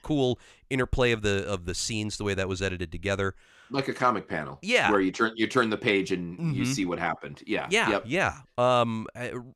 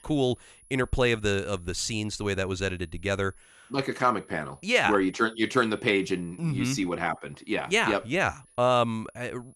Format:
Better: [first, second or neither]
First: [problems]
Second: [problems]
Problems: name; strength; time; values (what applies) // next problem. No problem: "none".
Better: first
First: none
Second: high-pitched whine; faint; throughout; 10.5 kHz, 30 dB below the speech